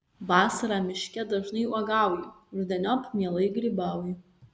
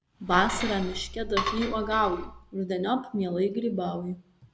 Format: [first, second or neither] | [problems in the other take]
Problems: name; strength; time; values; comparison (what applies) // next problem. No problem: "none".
first | background sound (Cutlery, silverware / Dishes, pots, and pans); 6 dB below the speech